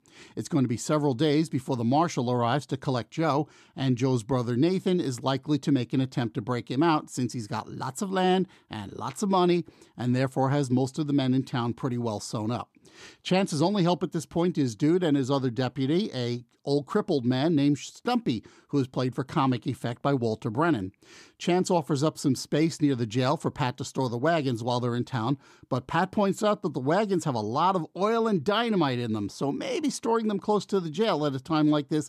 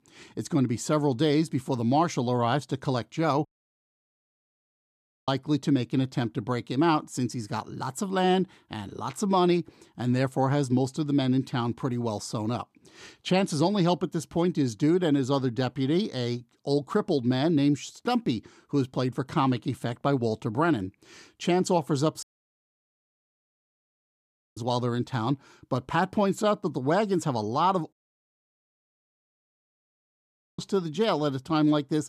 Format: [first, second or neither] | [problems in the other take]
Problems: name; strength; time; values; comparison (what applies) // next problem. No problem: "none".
first | audio cutting out; at 3.5 s for 2 s, at 22 s for 2.5 s and at 28 s for 2.5 s